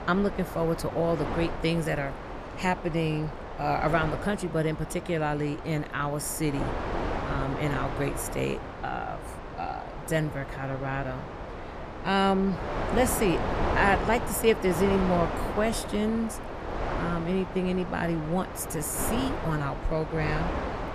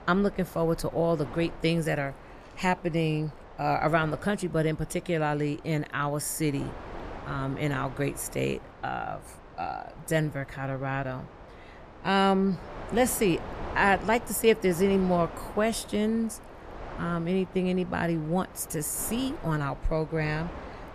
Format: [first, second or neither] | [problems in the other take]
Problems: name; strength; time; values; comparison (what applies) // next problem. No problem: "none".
second | wind noise on the microphone; heavy; 5 dB below the speech; occasional gusts in the second